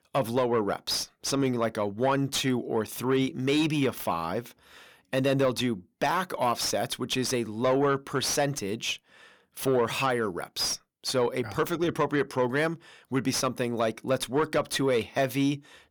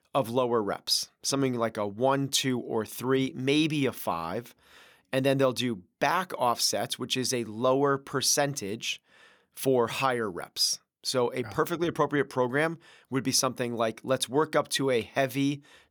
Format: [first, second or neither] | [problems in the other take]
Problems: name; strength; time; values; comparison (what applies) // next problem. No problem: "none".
second | distortion; slight; 10 dB below the speech